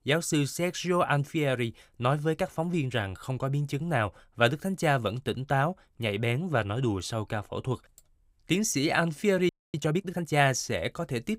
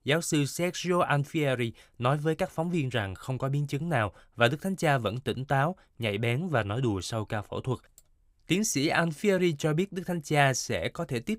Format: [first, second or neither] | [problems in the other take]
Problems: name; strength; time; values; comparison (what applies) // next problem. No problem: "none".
second | audio freezing; at 9.5 s